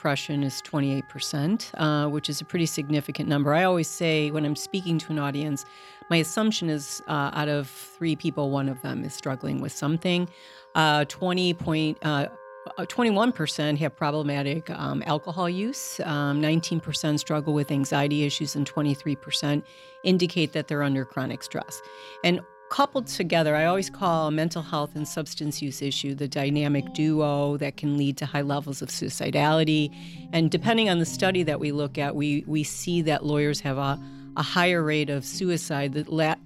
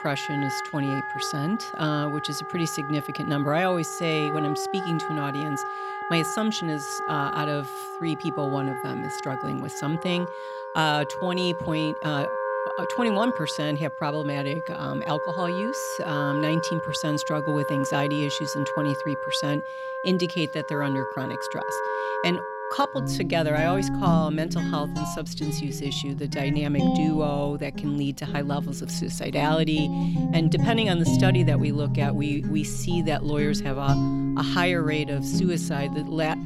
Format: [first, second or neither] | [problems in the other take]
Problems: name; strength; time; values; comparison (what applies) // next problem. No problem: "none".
first | background music; loud; throughout; 2 dB below the speech; faint in the first